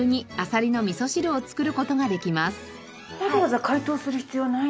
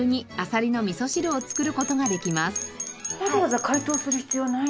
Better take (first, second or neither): first